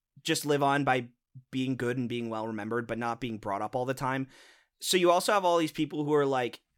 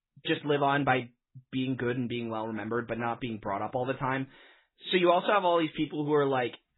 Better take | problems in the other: first | garbled, watery; badly; nothing above 4 kHz

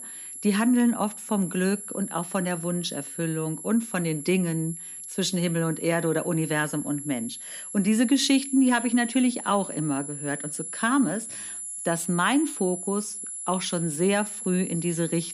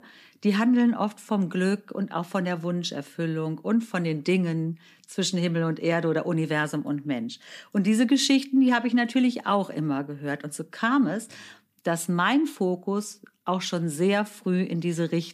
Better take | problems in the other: second | high-pitched whine; loud; throughout; 11 kHz, 8 dB below the speech

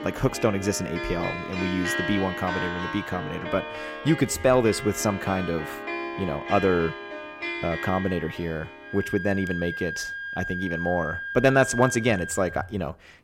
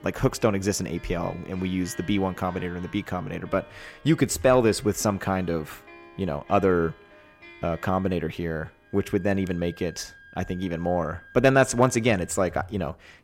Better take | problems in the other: second | background music; loud; throughout; 6 dB below the speech; faint in the second

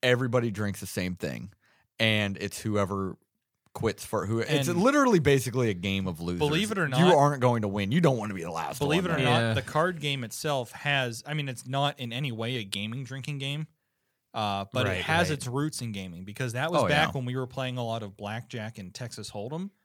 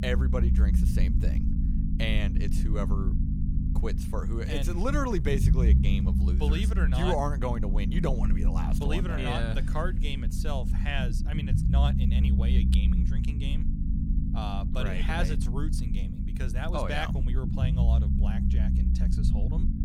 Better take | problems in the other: first | low rumble; loud; throughout; 6 dB below the speech

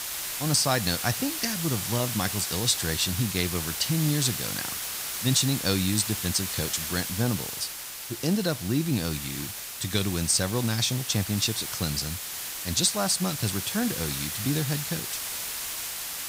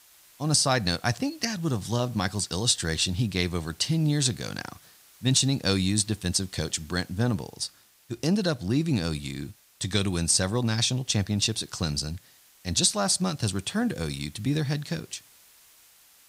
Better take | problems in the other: second | hiss; loud; throughout; 4 dB below the speech; faint in the second

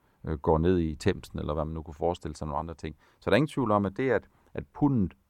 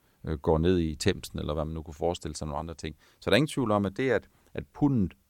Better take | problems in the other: second | muffled; slightly; fading above 2.5 kHz

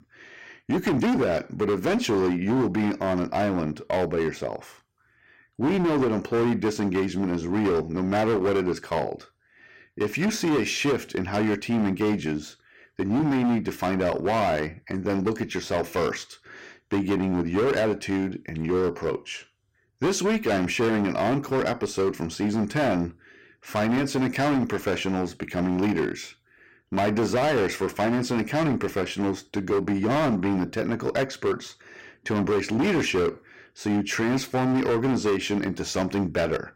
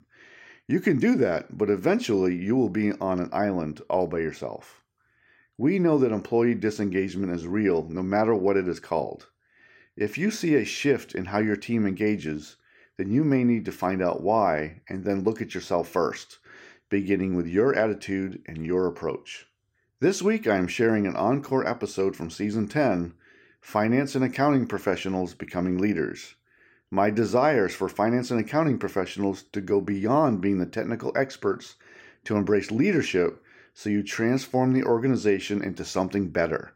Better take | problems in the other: second | distortion; heavy; 16% of the sound clipped

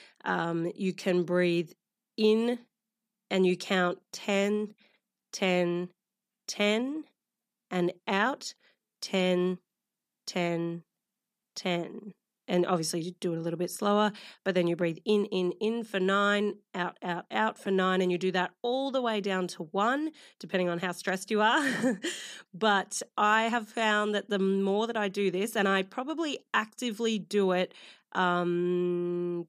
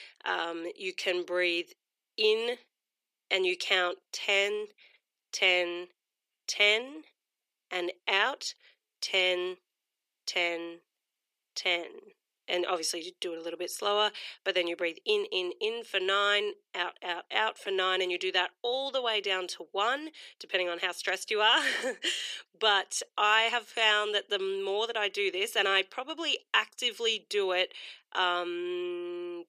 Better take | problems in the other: first | thin; very; fading below 400 Hz

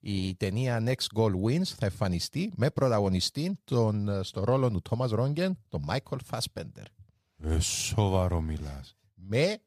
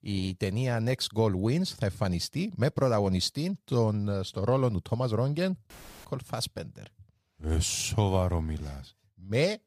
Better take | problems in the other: first | audio cutting out; filled with static; at 5.5 s

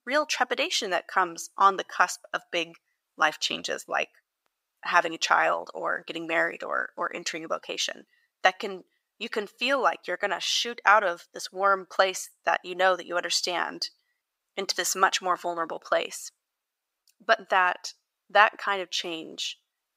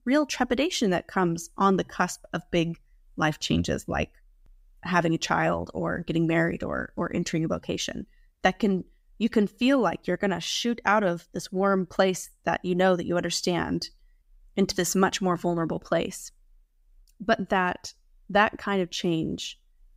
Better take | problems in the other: second | thin; very; fading below 650 Hz

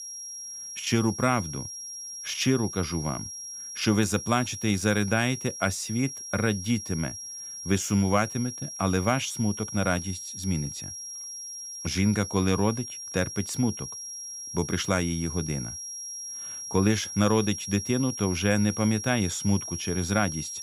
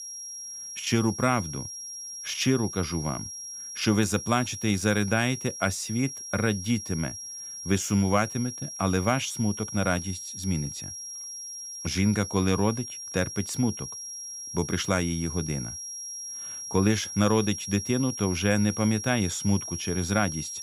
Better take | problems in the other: neither | high-pitched whine; loud; throughout; 5.5 kHz, 8 dB below the speech; the same in both

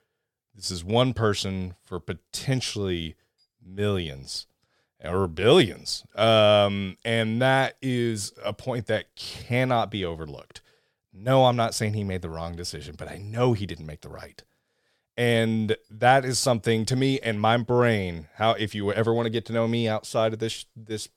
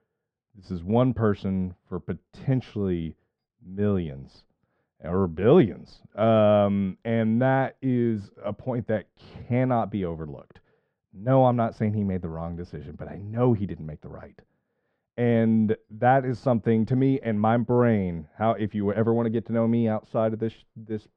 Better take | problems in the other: first | muffled; very; fading above 1.5 kHz

